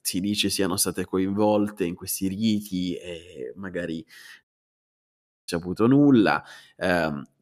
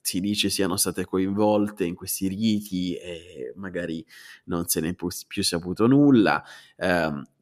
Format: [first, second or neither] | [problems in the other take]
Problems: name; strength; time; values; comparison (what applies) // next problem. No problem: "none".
second | audio cutting out; at 4.5 s for 1 s